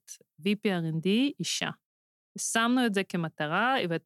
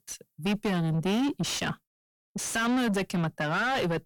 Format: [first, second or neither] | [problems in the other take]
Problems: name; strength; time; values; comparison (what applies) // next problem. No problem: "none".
first | distortion; heavy; 5 dB below the speech